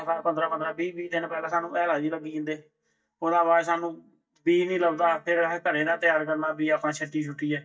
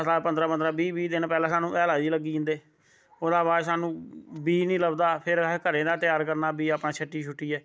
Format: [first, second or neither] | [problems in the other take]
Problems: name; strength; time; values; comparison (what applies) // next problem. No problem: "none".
second | noise reduction (neural mask model DeepFilterNet 3)